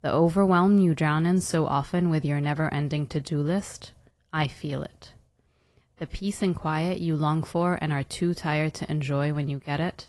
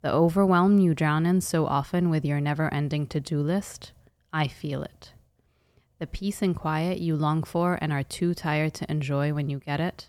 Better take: second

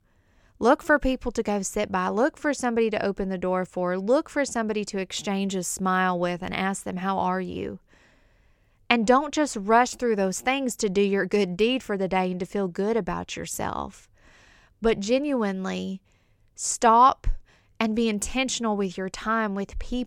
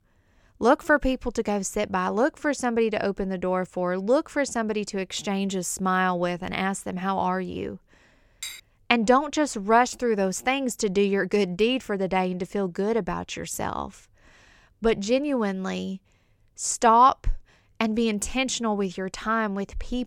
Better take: first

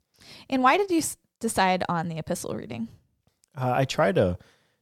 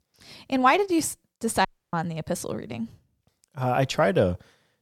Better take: first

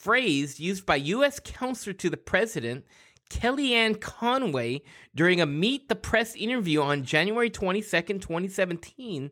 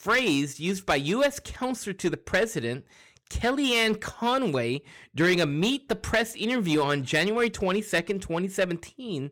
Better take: first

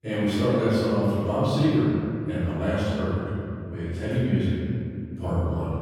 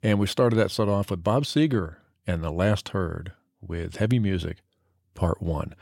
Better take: second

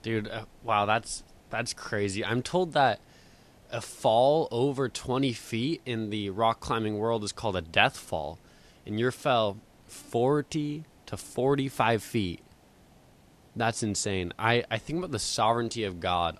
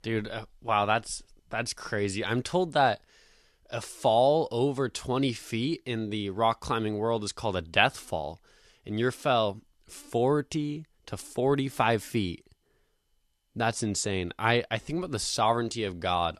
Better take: second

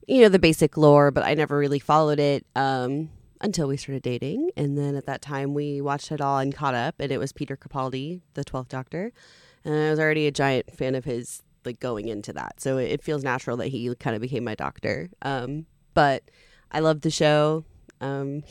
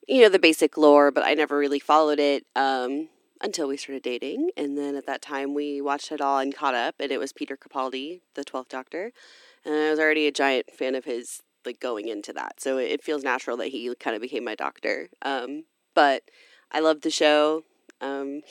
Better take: first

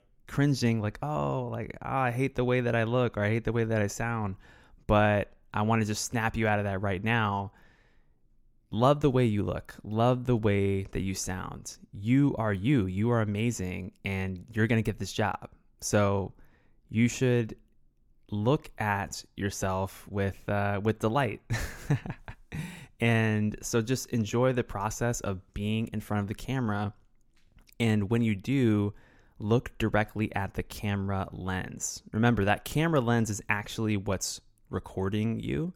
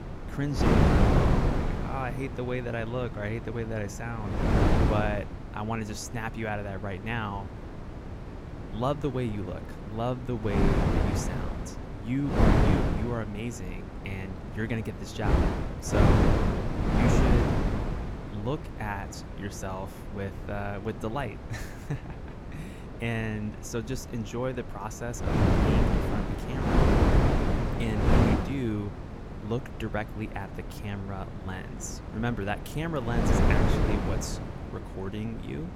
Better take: first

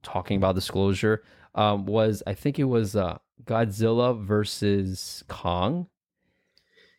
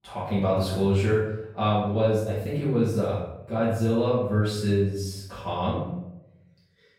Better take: first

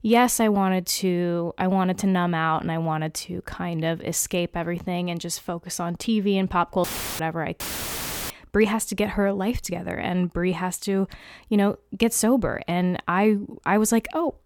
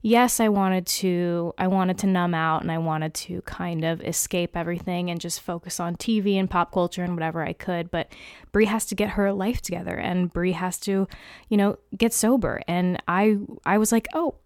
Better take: second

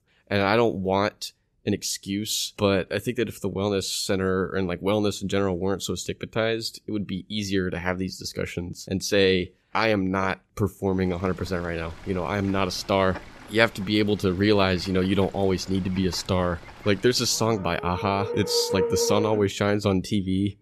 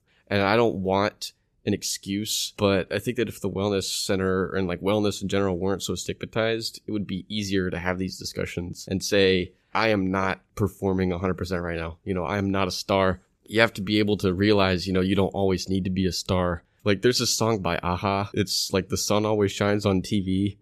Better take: second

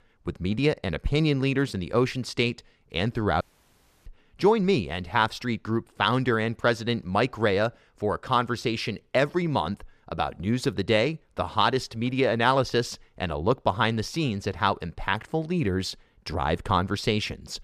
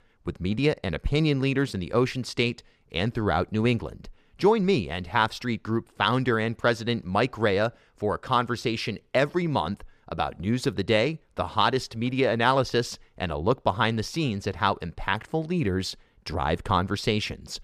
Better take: second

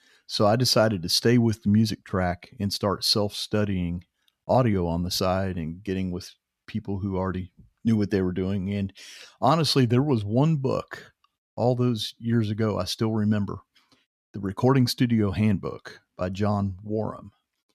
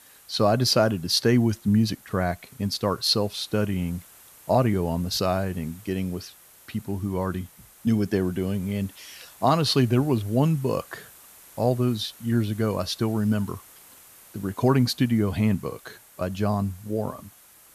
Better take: first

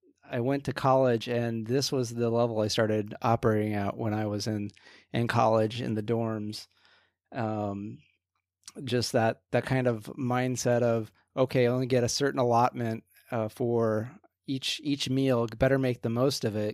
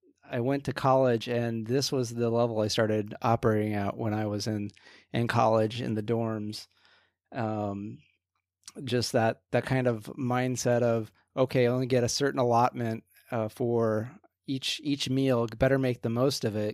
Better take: neither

